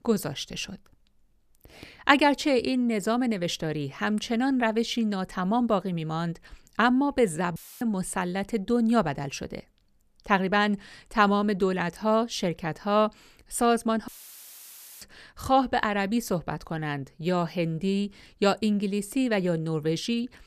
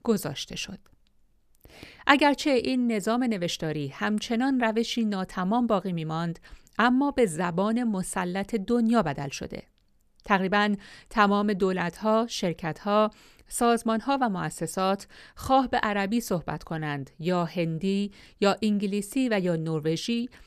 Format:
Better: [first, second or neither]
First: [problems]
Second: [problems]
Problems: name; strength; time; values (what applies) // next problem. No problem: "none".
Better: second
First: audio cutting out; filled with static; at 7.5 s and at 14 s for 1 s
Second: none